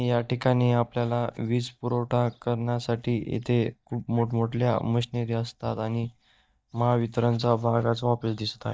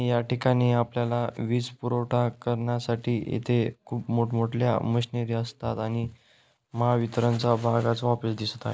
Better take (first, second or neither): second